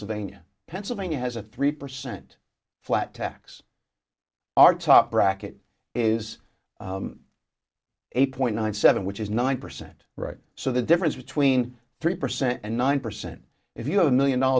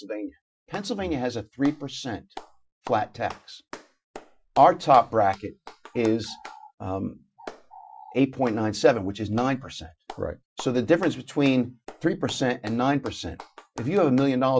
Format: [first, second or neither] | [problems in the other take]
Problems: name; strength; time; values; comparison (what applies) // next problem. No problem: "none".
first | noise reduction (classical method Wiener filter)